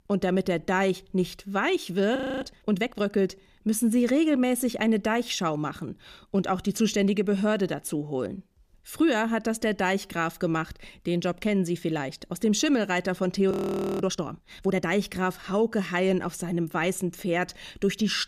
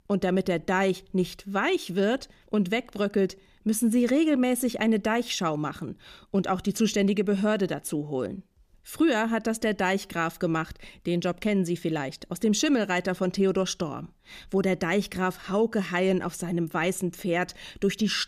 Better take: second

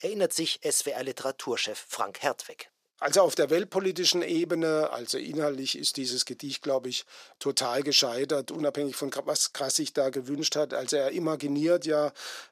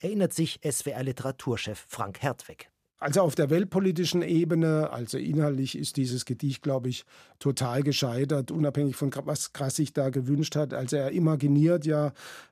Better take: second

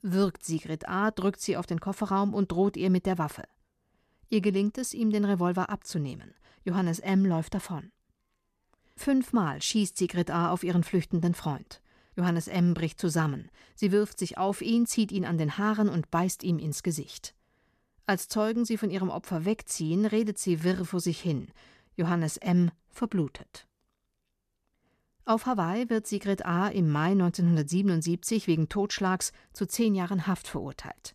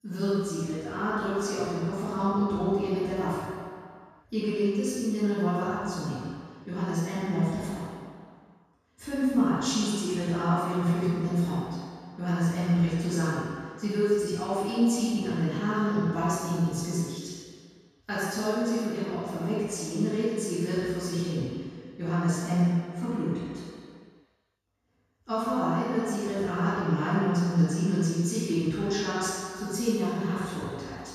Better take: first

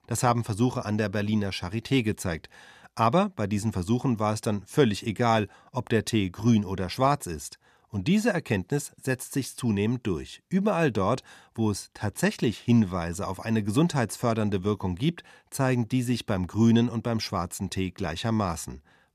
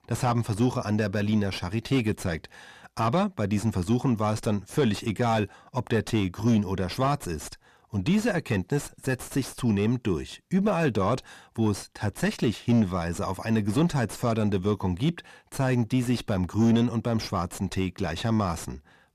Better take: first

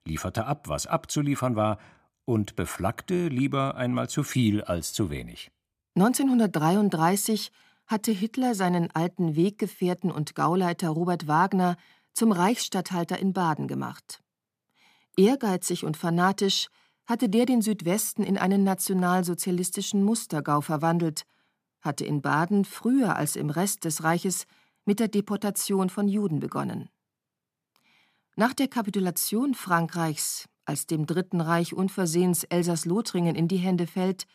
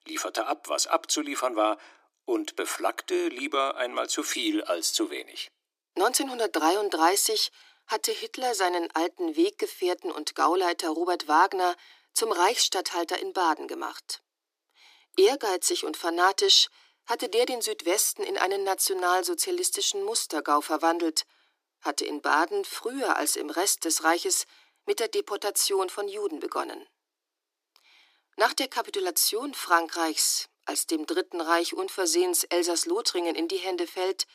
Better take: first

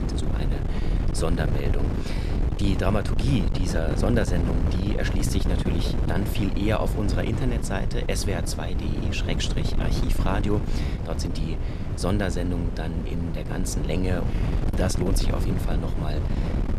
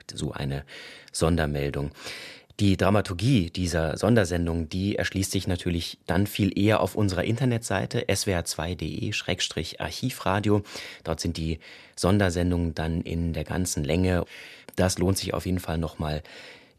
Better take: second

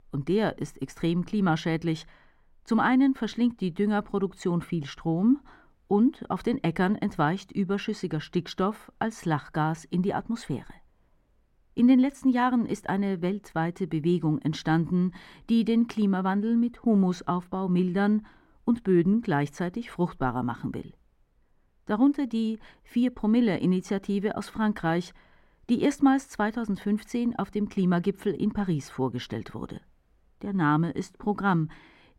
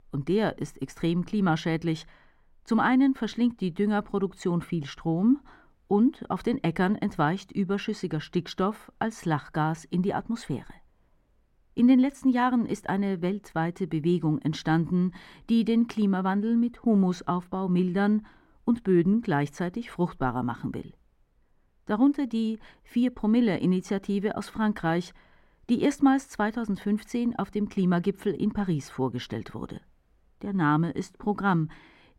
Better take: neither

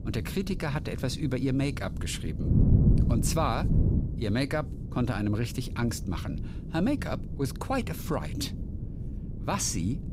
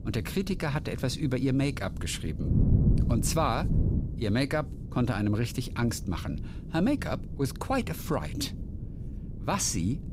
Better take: second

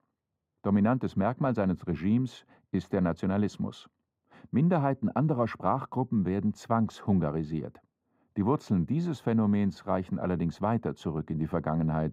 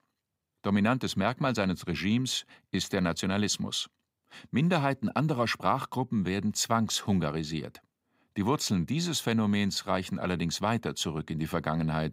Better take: second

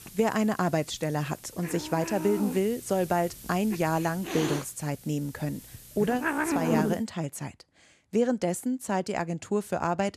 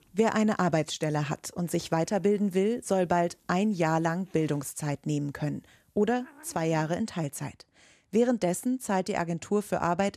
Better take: second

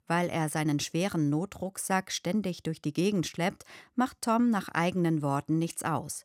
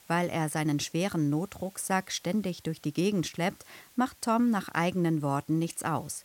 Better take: first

